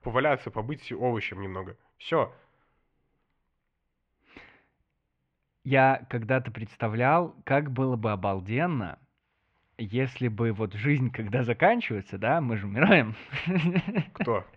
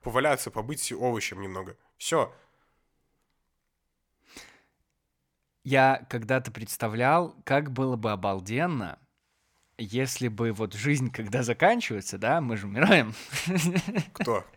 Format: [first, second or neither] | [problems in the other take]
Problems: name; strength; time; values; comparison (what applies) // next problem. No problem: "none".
second | muffled; very; fading above 3 kHz